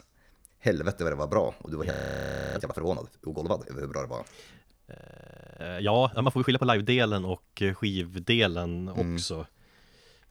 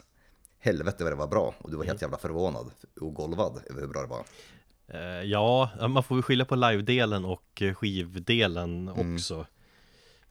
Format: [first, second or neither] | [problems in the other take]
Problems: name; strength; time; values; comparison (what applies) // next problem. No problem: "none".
second | audio freezing; at 2 s for 0.5 s and at 5 s for 0.5 s